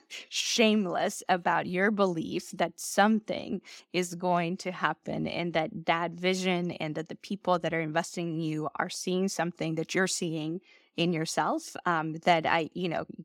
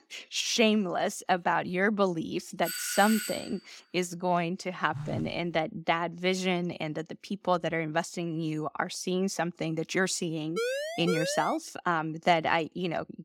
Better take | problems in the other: first | doorbell; noticeable; at 2.5 s; peak 3 dB below the speech // phone ringing; noticeable; at 5 s; peak 9 dB below the speech // siren; noticeable; from 11 to 12 s; peak 2 dB below the speech

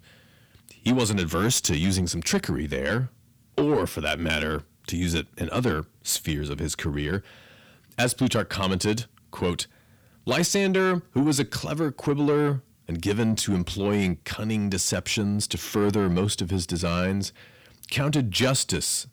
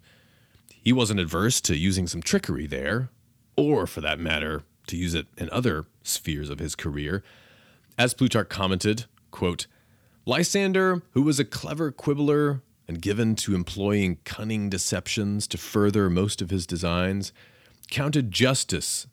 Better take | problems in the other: second | distortion; slight; 10 dB below the speech

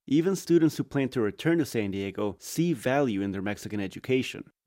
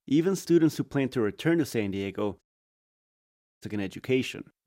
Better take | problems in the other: first | audio cutting out; at 2.5 s for 1 s

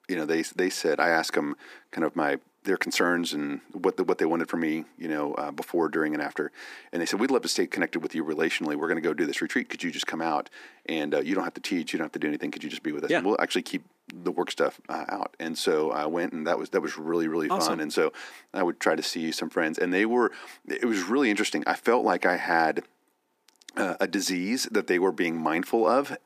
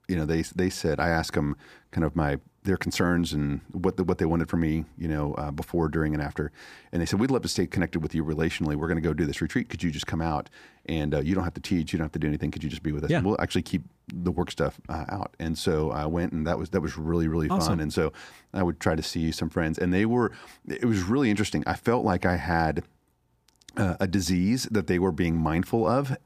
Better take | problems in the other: second | thin; somewhat; fading below 250 Hz

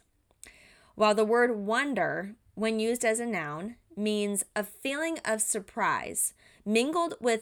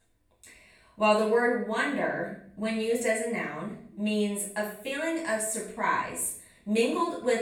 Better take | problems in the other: first | off-mic speech; far // room echo; noticeable; dies away in 0.5 s

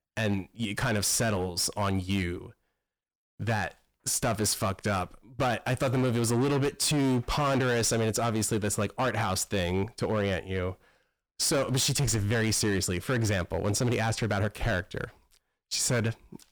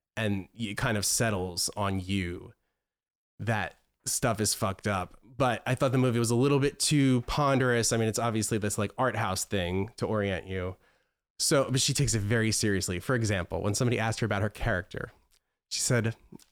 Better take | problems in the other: second | distortion; slight; 14% of the sound clipped

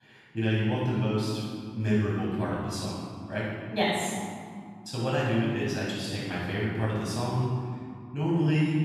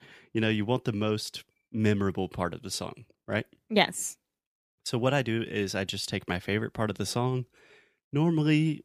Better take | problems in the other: second | off-mic speech; far // room echo; strong; dies away in 2.2 s

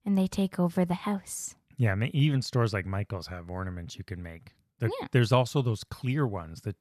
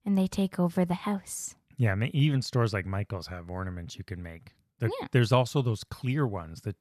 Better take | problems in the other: neither | none

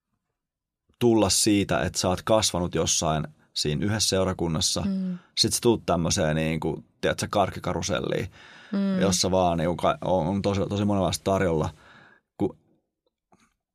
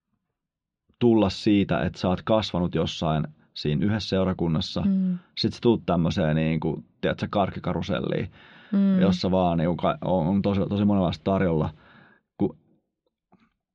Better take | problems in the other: first | muffled; slightly; fading above 3.5 kHz

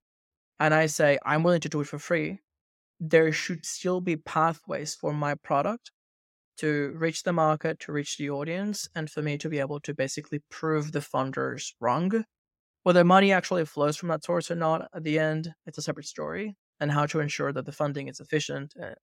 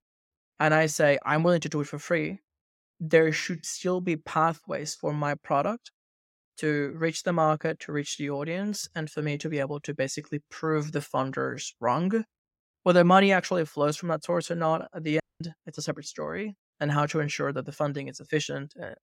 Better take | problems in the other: first | audio cutting out; at 15 s

